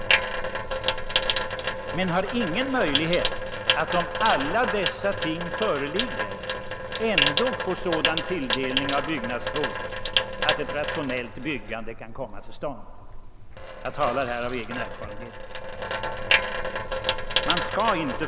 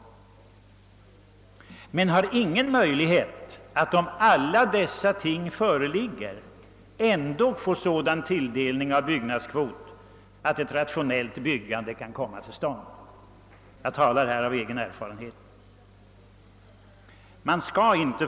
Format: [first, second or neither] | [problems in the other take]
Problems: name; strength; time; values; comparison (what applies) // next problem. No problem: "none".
second | background sound (Sink (filling or washing) / Water tap, faucet); 1 dB above the speech